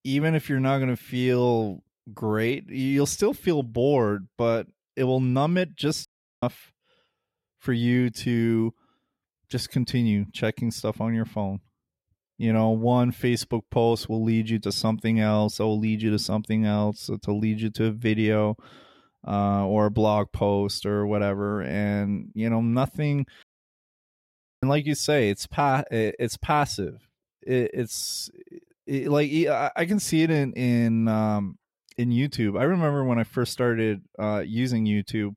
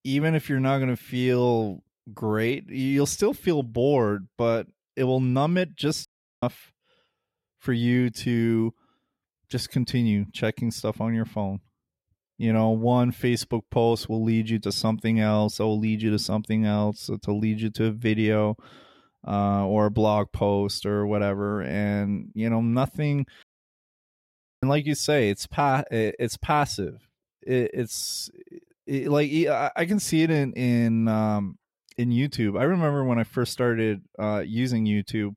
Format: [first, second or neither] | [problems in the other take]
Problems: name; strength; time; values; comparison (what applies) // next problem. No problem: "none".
neither | audio cutting out; at 6 s and at 23 s for 1 s; the same in both